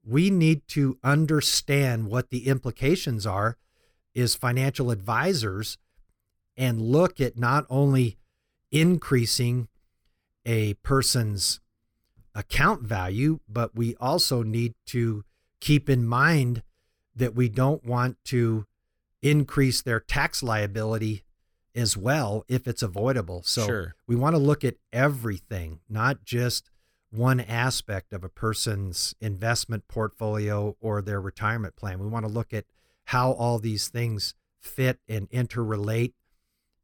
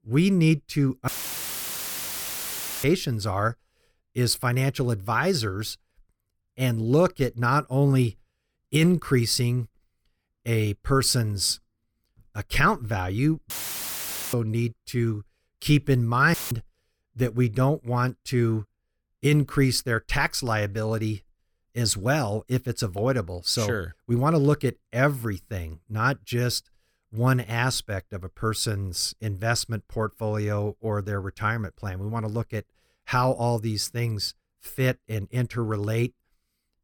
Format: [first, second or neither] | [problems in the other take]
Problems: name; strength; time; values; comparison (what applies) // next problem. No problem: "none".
first | audio cutting out; filled with static; at 1 s for 2 s, at 14 s for 1 s and at 16 s